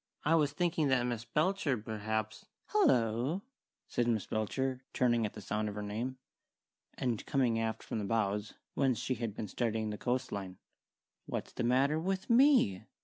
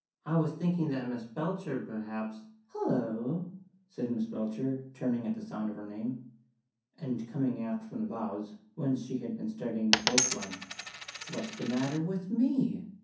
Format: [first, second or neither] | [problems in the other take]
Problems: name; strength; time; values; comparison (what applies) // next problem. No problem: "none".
first | background sound (Coin (dropping)); as loud as the speech // room echo; dies away in 0.6 s